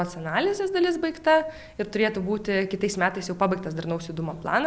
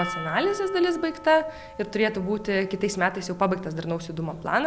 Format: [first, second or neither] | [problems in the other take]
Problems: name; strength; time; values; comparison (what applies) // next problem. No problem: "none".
first | background sound (Percussion); 15 dB below the speech